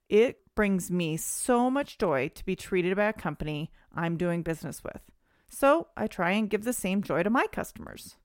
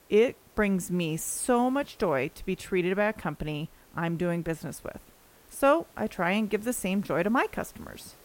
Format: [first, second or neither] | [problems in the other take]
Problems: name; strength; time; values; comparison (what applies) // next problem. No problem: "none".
first | hiss; faint; throughout; 25 dB below the speech